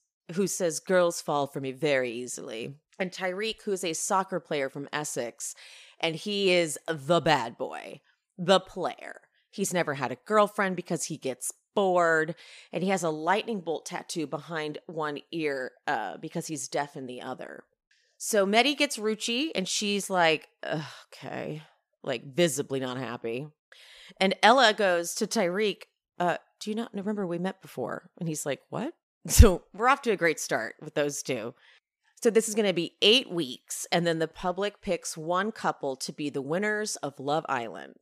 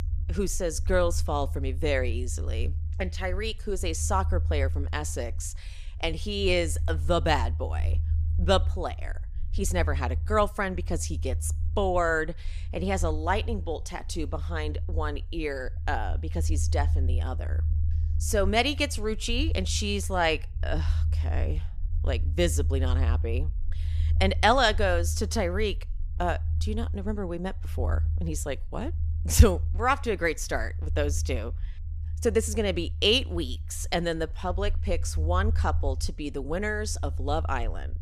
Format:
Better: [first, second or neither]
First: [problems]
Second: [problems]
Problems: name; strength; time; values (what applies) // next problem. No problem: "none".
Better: first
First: none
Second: low rumble; faint; throughout; 20 dB below the speech